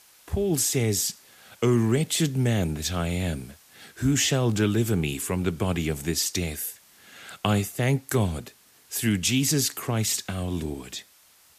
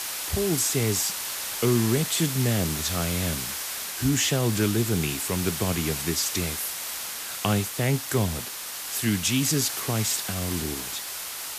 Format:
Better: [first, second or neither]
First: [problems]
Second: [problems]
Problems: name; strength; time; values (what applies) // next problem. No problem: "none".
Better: first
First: hiss; faint; throughout; 30 dB below the speech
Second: hiss; loud; throughout; 4 dB below the speech